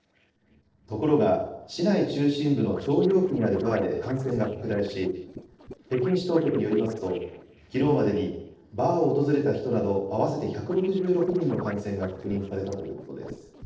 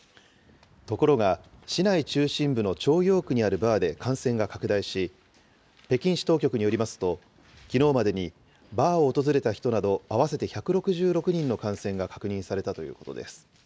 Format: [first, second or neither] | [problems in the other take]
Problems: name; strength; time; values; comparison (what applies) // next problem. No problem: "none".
second | noise reduction (neural separator model SepFormer DNS4)